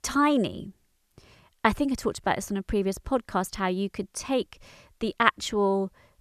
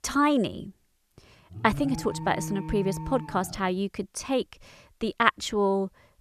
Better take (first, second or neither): first